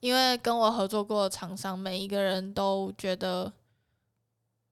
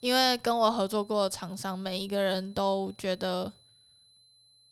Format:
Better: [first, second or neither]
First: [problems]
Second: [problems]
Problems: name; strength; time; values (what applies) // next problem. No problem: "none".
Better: first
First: none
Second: high-pitched whine; faint; throughout; 4 kHz, 30 dB below the speech